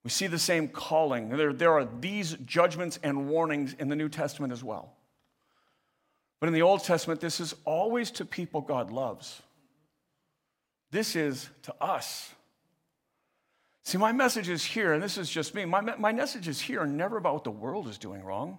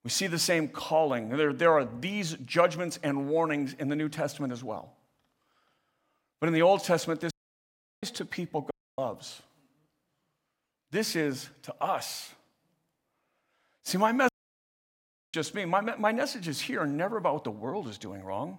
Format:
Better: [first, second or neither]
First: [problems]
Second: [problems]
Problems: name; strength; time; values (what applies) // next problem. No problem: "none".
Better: first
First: none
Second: audio cutting out; at 7.5 s for 0.5 s, at 8.5 s and at 14 s for 1 s